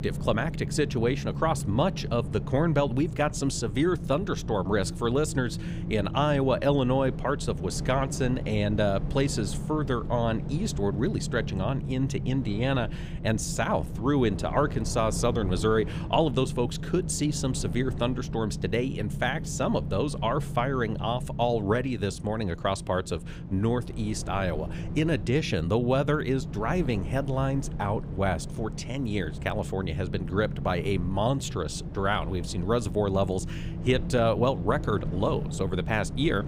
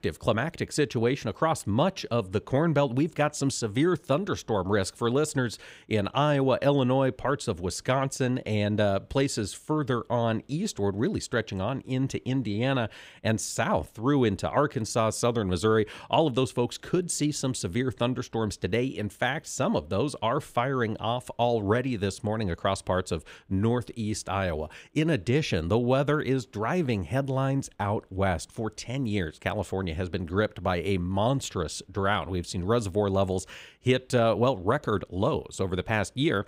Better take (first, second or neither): second